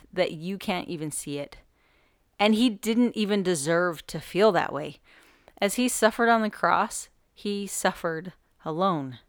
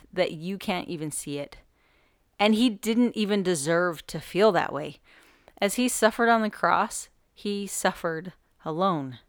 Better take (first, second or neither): neither